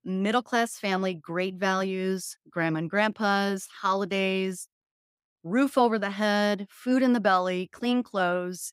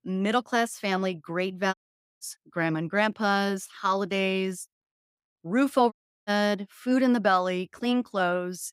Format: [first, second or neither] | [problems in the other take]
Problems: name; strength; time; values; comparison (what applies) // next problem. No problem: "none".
first | audio cutting out; at 1.5 s and at 6 s